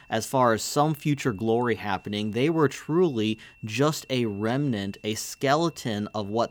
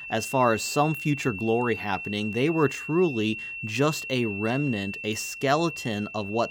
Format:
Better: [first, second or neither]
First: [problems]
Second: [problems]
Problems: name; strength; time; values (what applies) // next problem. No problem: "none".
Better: first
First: high-pitched whine; faint; throughout; 2.5 kHz, 30 dB below the speech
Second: high-pitched whine; loud; throughout; 2.5 kHz, 8 dB below the speech